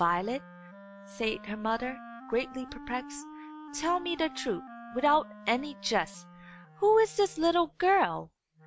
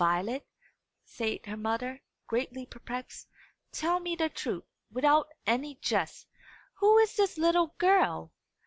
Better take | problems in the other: second | background sound (Wind instrument, woodwind instrument); 17 dB below the speech

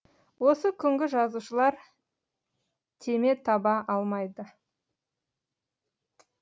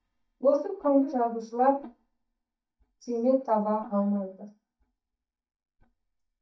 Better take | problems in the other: first | noise reduction (neural mask model DeepFilterNet 3)

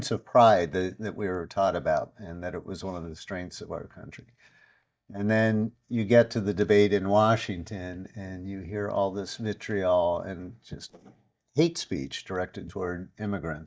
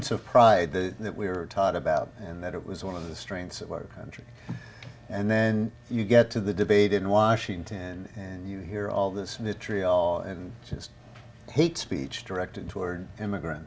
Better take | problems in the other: second | noise reduction (neural mask model DeepFilterNet 3)

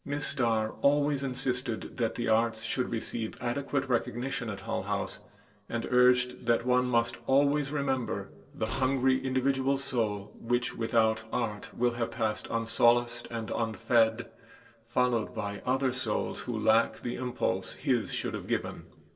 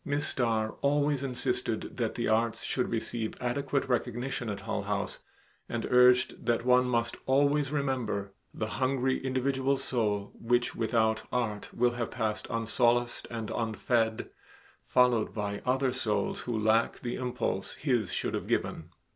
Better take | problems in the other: second | noise reduction (neural separator model SepFormer DNS4)

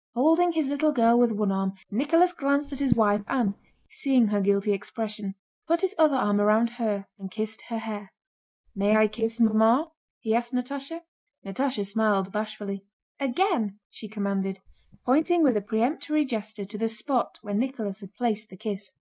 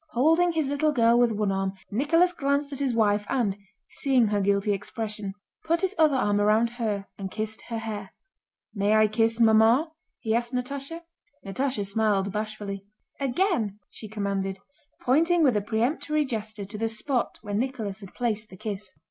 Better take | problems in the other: second | noise reduction (neural mask model DeepFilterNet 3)

